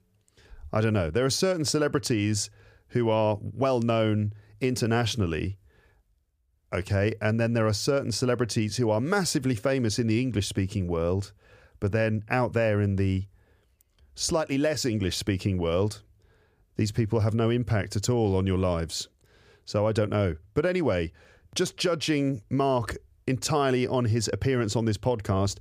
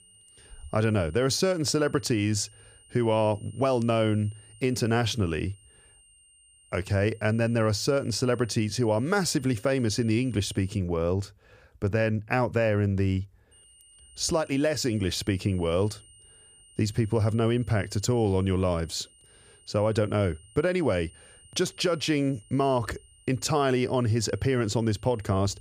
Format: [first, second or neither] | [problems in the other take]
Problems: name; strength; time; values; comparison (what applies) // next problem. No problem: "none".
first | high-pitched whine; faint; until 11 s and from 14 s on; 9 kHz, 25 dB below the speech